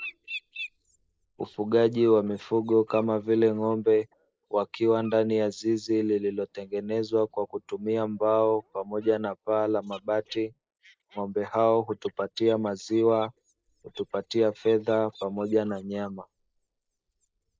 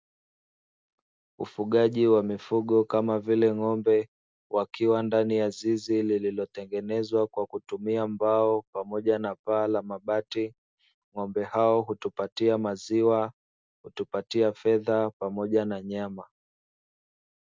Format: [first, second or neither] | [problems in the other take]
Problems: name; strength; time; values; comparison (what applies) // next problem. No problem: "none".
second | noise reduction (neural mask model Resemble Enhance denoiser)